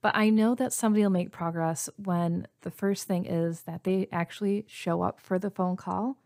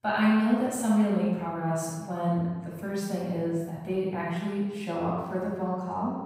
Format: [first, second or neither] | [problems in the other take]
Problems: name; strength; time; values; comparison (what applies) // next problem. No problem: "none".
first | off-mic speech; far // room echo; strong; dies away in 1.3 s